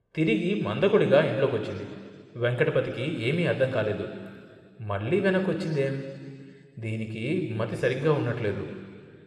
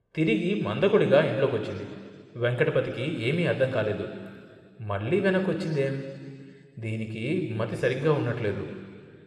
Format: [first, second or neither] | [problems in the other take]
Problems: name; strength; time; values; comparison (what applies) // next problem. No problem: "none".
neither | room echo; noticeable; dies away in 2.3 s; the same in both